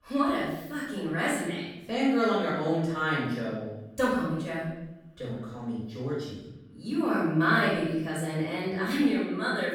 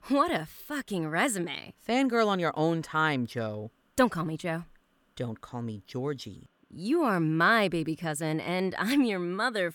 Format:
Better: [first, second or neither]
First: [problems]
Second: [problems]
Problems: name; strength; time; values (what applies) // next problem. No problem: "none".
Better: second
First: room echo; strong; dies away in 0.9 s // off-mic speech; far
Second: none